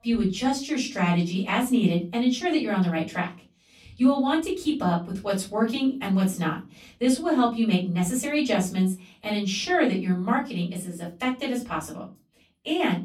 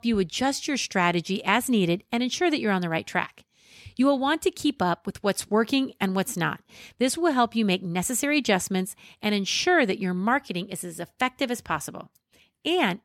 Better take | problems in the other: second | off-mic speech; far // room echo; slight; dies away in 0.3 s

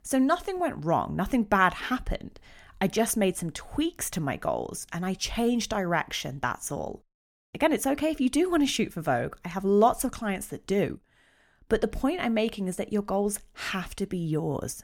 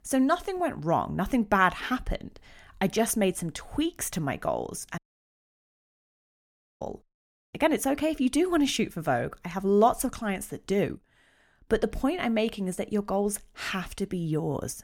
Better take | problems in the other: first | audio cutting out; at 5 s for 2 s

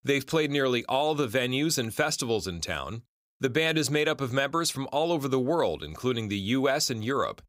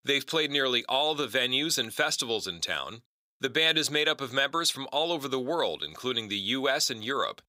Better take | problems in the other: first | thin; very slightly; fading below 800 Hz

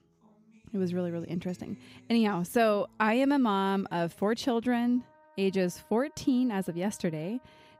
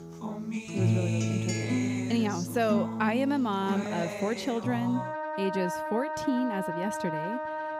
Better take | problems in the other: first | background music; loud; throughout; 1 dB below the speech; faint in the first

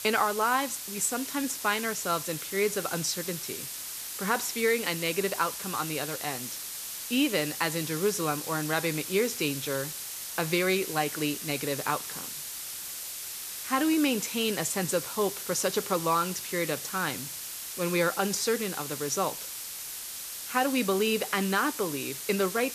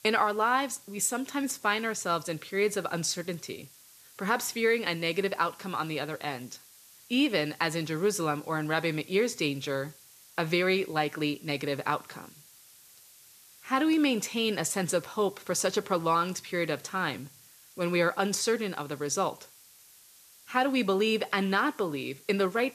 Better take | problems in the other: second | hiss; loud; throughout; 6 dB below the speech; faint in the second

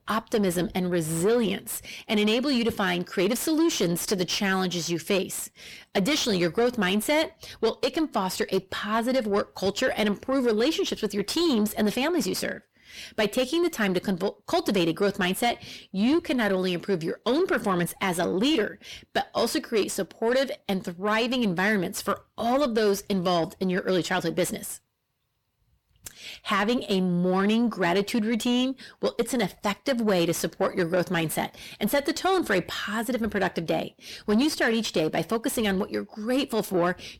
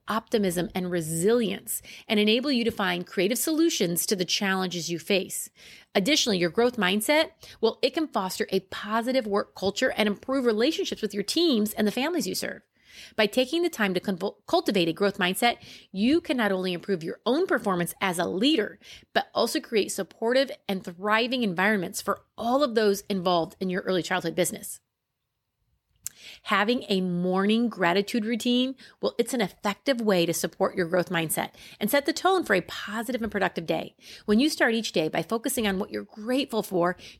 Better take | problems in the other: second | distortion; slight; 10 dB below the speech

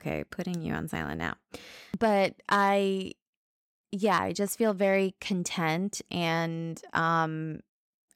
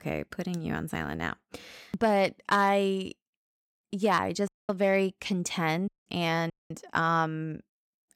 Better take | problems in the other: first | audio cutting out; at 4.5 s, at 6 s and at 6.5 s

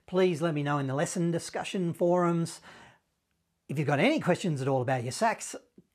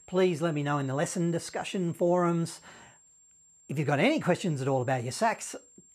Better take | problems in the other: first | high-pitched whine; faint; throughout; 7.5 kHz, 25 dB below the speech

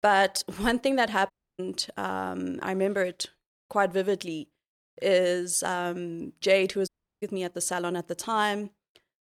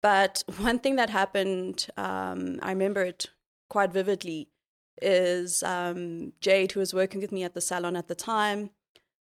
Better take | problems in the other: second | audio cutting out; at 1.5 s and at 7 s

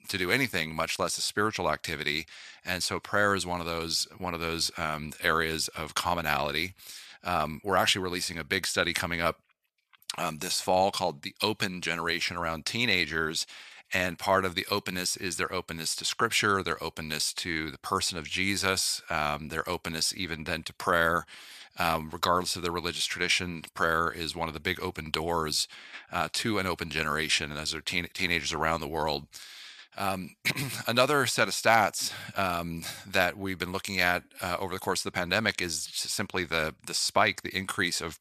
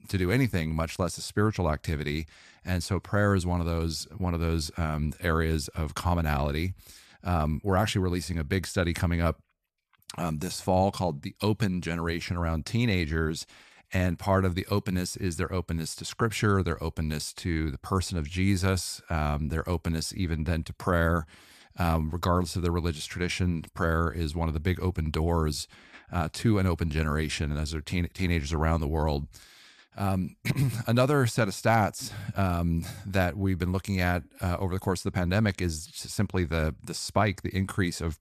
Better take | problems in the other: second | thin; somewhat; fading below 800 Hz

